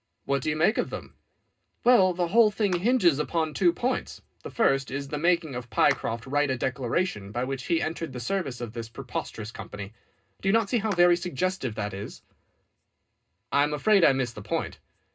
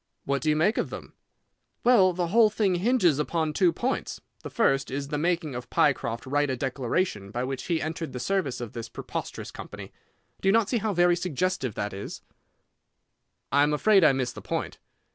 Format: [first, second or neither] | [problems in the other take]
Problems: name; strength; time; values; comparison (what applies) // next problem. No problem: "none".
second | background sound (Clapping); 20 dB below the speech // room echo; dies away in 0.2 s